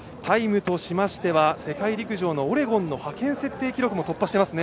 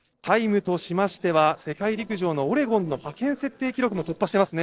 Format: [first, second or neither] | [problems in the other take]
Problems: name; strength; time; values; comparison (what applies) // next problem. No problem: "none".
first | noise reduction (neural separator model SepFormer DNS4)